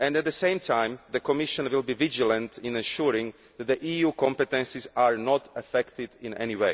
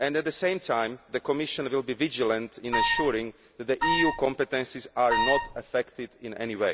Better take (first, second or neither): first